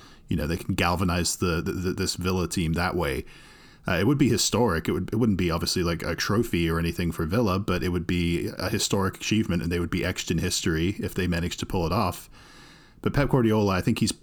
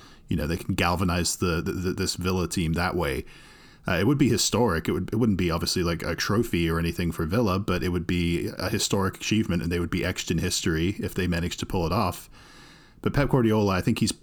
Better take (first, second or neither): neither